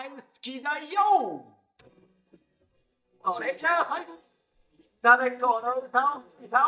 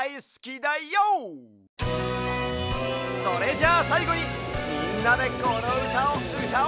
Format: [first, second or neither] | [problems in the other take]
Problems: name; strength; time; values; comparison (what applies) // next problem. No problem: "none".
second | noise reduction (neural mask model DeepFilterNet 3)